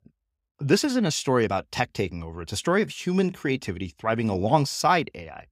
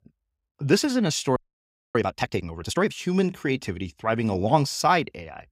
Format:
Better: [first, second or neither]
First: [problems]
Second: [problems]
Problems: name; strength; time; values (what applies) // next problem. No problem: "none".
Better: first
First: none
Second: audio freezing; at 1.5 s for 0.5 s